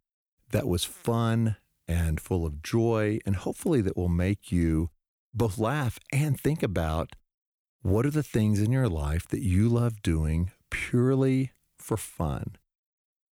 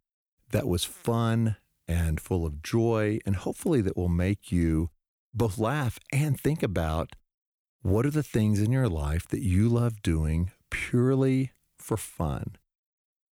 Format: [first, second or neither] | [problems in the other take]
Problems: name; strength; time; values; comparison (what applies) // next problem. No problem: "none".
neither | none